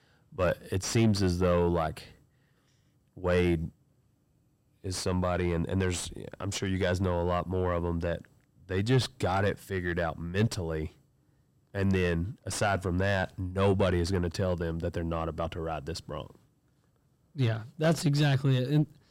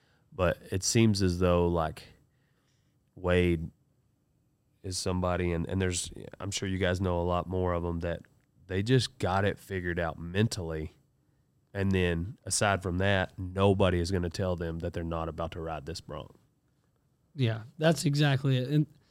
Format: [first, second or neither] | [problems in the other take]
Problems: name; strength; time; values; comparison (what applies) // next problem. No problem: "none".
second | distortion; slight; 10 dB below the speech